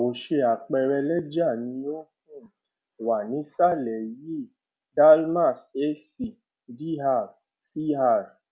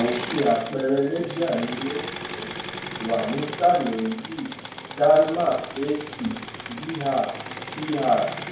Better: first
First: none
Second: background sound (Engine / Mechanisms); 10 dB below the speech // room echo; dies away in 0.5 s

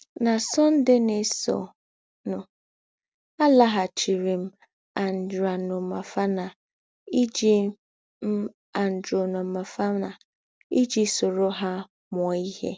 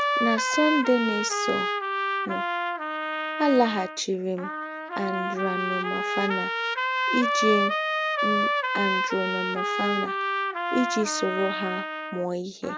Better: first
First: none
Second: background sound (Trumpet); 1 dB above the speech

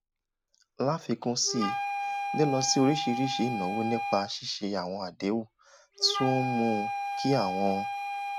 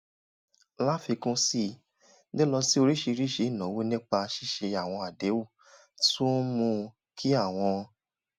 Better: second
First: background sound (Wind instrument, woodwind instrument); 4 dB below the speech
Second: none

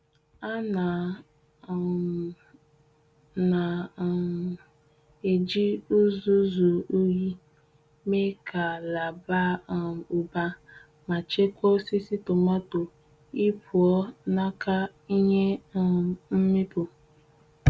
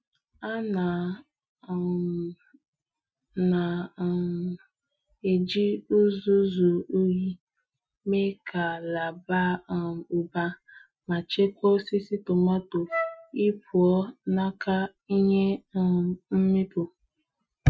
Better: first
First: none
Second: noise reduction (classical method Wiener filter)

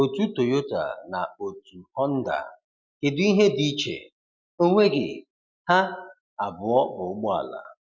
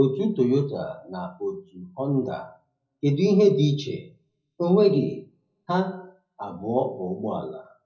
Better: first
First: none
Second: room echo; dies away in 0.4 s

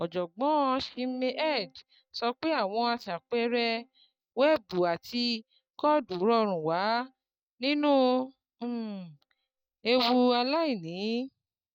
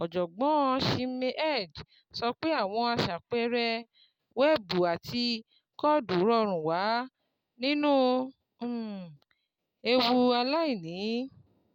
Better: second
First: noise reduction (neural mask model DeepFilterNet 3)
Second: none

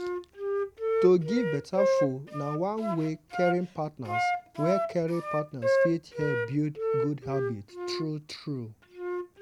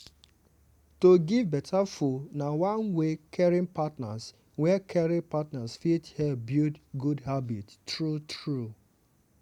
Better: second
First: background sound (Wind instrument, woodwind instrument); as loud as the speech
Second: none

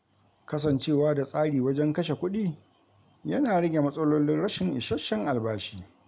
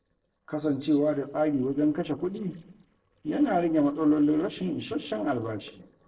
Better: first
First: none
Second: noise reduction (neural separator model SepFormer DNS4)

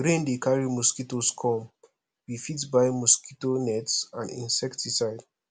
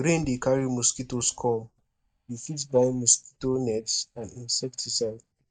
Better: first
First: none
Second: noise reduction (neural mask model DeepFilterNet 3)

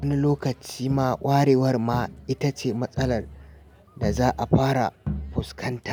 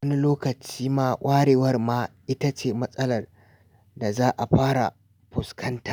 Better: second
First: background sound (Crowd); 12 dB below the speech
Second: none

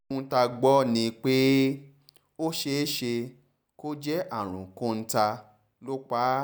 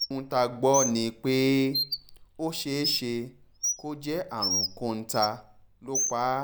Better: first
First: none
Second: background sound (Bird); 5 dB below the speech

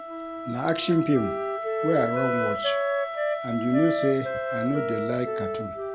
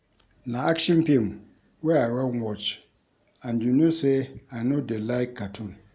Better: second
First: background sound (Wind instrument, woodwind instrument + Wind instrument, woodwind instrument); 1 dB below the speech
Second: none

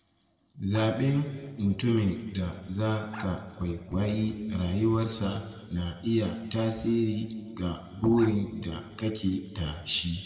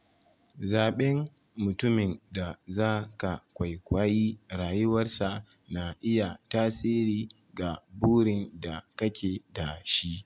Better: second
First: noise reduction (neural separator model SepFormer DNS4)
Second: none

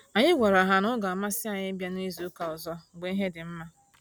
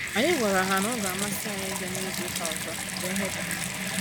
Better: first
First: none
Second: background sound (Bathtub (filling or washing) / Water tap, faucet); 1 dB below the speech

